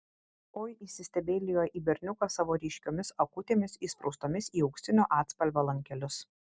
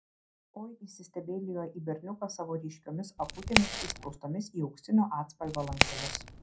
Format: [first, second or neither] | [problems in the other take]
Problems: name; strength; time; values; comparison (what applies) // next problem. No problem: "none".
first | background sound (Crack); 3 dB above the speech // room echo; dies away in 0.2 s